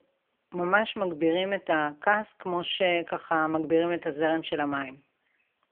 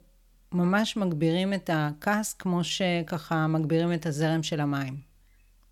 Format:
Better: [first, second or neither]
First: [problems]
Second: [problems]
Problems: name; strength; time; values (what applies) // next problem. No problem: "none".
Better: second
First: phone-call audio; poor line; nothing above 3.5 kHz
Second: none